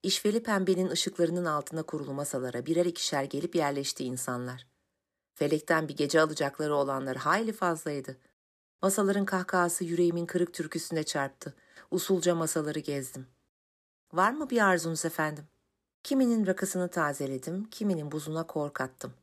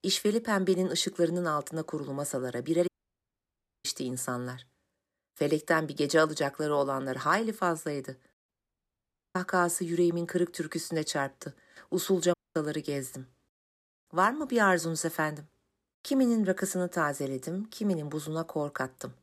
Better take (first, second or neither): first